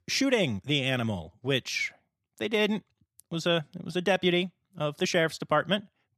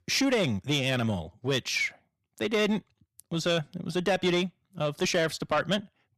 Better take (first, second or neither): first